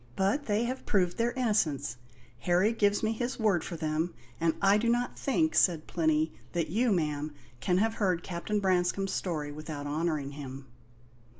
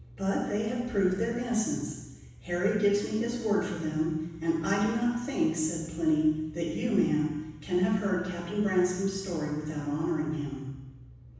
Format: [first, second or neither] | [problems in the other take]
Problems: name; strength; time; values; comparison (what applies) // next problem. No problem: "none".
first | room echo; dies away in 1.1 s